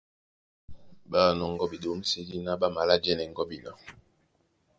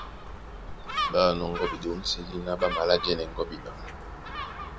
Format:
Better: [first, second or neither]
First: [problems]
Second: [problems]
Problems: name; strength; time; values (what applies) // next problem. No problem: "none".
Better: first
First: none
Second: background sound (Gull, seagull); 6 dB below the speech